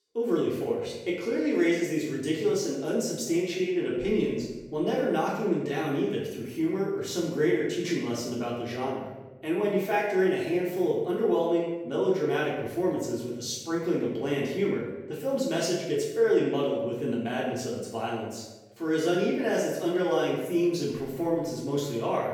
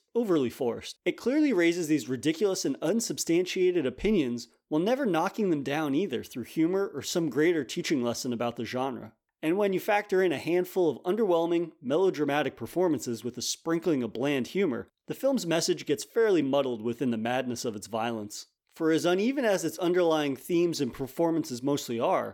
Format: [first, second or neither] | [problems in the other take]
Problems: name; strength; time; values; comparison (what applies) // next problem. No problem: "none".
second | off-mic speech; far // room echo; noticeable; dies away in 1 s